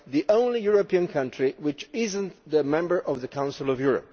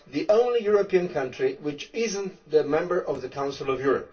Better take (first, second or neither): first